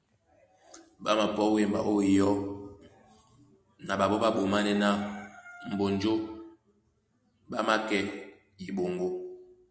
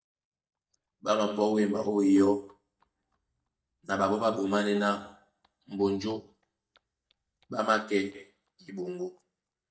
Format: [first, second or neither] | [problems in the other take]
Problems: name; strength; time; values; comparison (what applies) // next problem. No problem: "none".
first | noise reduction (neural mask model DeepFilterNet 3)